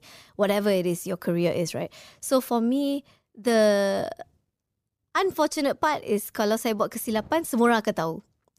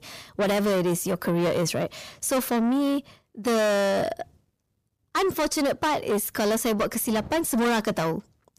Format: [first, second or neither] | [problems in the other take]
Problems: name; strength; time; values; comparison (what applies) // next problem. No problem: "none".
first | distortion; heavy; 7 dB below the speech